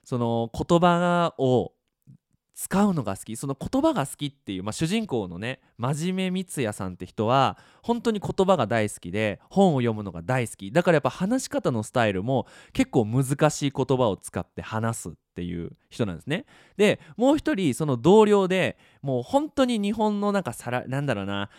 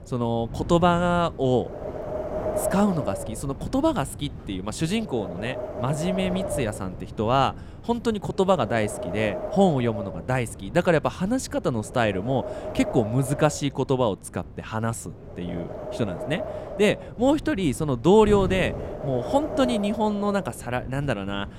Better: first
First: none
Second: wind noise on the microphone; heavy; 7 dB below the speech

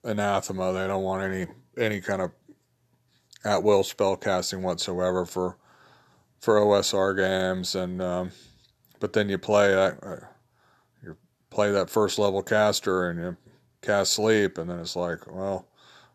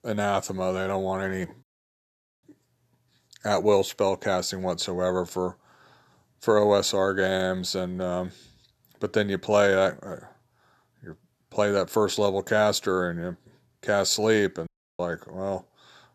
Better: first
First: none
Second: audio cutting out; at 1.5 s for 1 s and at 15 s

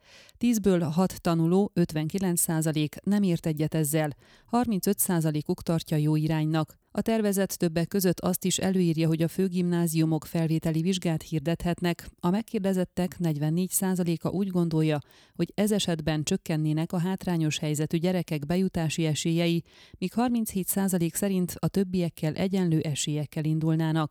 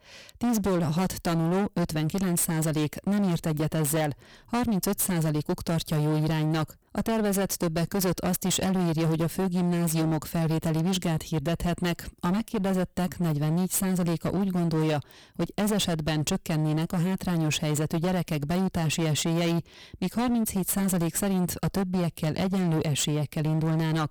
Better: first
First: none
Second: distortion; heavy; 27% of the sound clipped

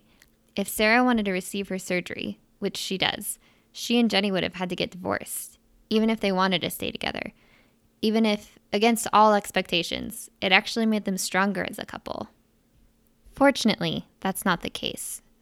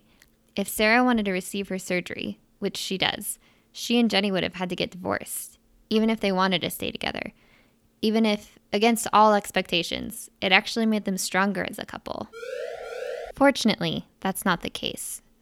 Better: first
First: none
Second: siren; noticeable; at 12 s; peak 9 dB below the speech

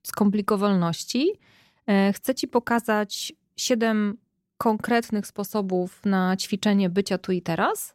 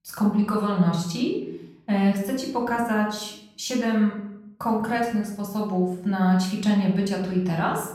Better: first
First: none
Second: off-mic speech; far // room echo; noticeable; dies away in 0.9 s

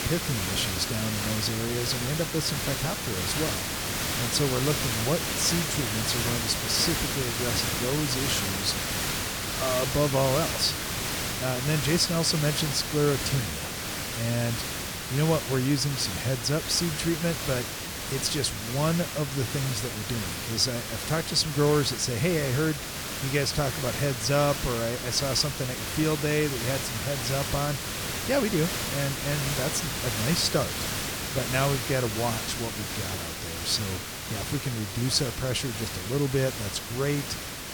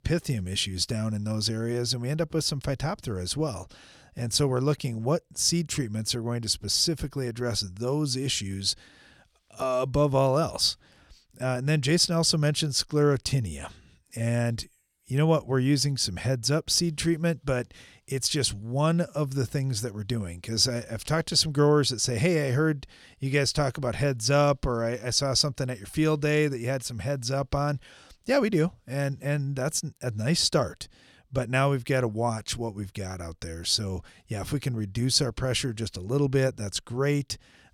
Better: second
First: hiss; loud; throughout; 2 dB below the speech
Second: none

